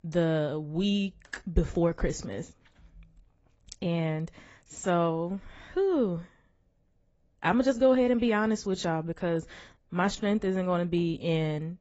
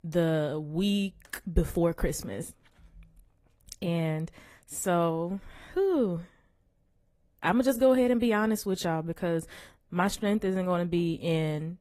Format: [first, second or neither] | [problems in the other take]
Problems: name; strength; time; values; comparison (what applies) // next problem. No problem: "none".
second | garbled, watery; badly; nothing above 7.5 kHz; slightly in the second